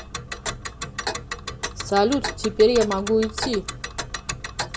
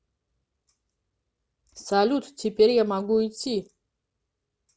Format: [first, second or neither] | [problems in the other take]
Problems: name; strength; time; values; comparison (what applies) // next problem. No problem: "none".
second | background sound (Tick); 7 dB below the speech